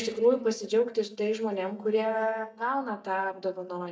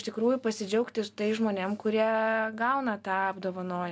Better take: second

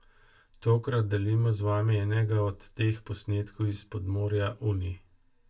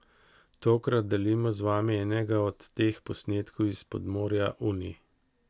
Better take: second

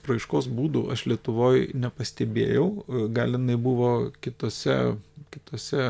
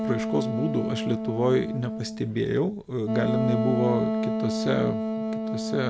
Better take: first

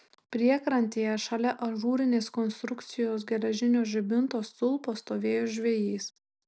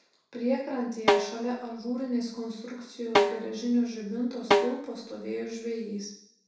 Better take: first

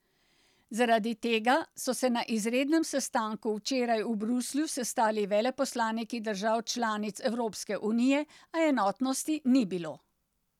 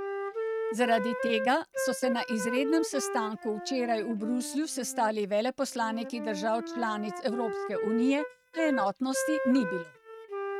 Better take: first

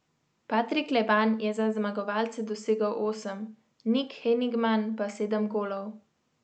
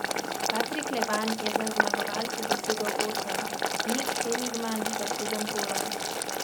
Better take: first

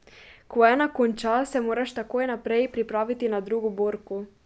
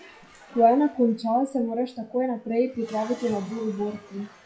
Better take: first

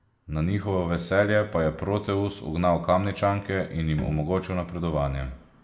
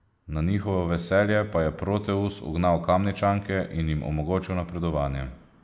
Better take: second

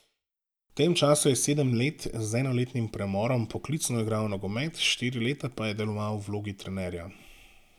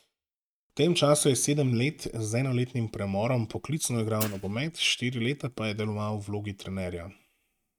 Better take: first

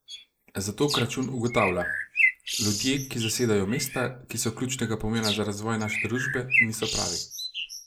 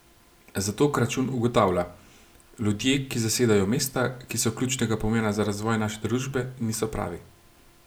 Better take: second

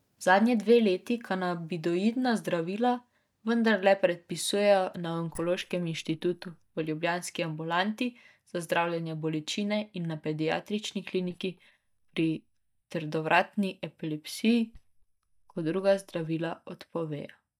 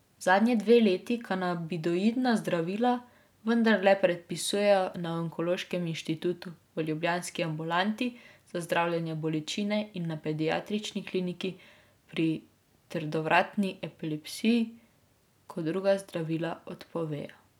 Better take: second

